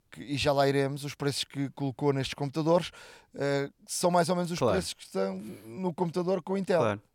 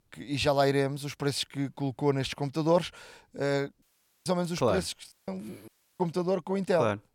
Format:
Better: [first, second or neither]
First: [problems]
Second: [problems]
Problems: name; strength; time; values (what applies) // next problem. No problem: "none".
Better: first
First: none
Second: audio cutting out; at 4 s, at 5 s and at 5.5 s